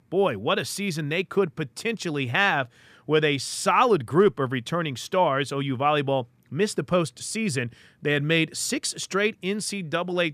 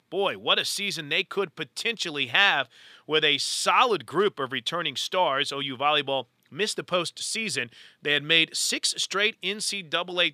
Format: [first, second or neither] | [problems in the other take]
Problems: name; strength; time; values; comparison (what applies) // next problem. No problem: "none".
first | thin; somewhat; fading below 1 kHz